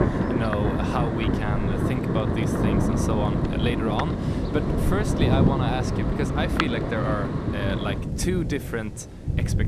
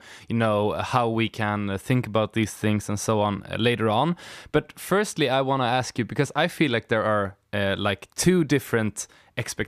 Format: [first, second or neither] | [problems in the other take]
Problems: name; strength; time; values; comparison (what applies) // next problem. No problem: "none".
second | rain or running water; very loud; throughout; 5 dB above the speech